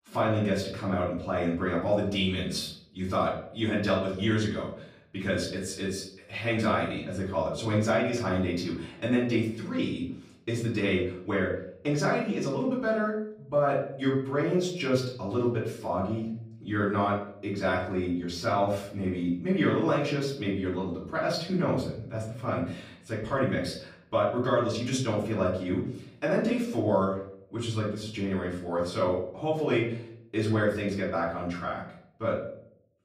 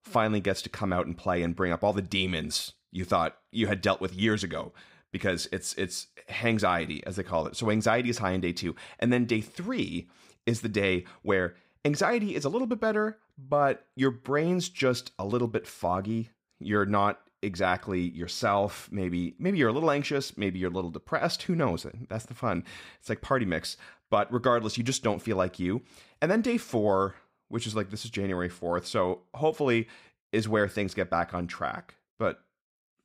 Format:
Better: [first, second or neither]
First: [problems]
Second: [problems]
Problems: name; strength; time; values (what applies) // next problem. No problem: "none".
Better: second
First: off-mic speech; far // room echo; noticeable; dies away in 0.6 s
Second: none